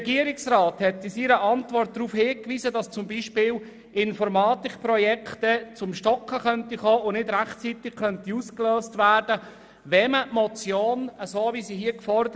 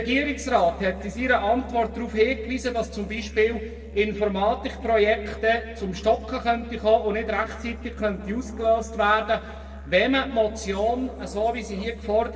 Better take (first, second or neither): first